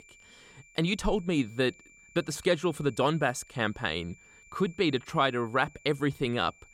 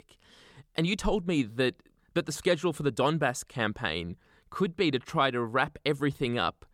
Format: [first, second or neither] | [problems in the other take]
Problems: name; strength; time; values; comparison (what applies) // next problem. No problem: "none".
second | high-pitched whine; faint; throughout; 2.5 kHz, 25 dB below the speech